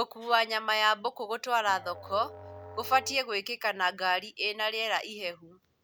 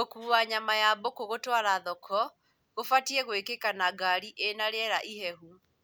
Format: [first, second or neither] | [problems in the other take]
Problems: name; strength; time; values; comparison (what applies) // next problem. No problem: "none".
second | background sound (Musical instrument); 17 dB below the speech